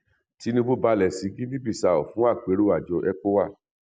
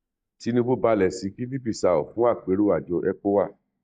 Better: first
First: none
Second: noise reduction (neural mask model DeepFilterNet 3)

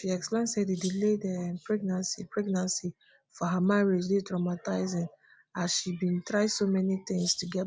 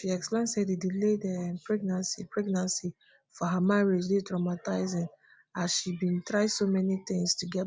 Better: second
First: background sound (Rattle (instrument)); 15 dB below the speech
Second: none

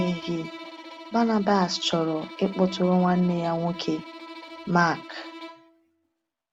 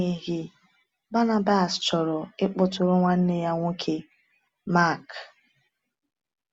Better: second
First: background sound (Bowed string instrument); 15 dB below the speech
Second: none

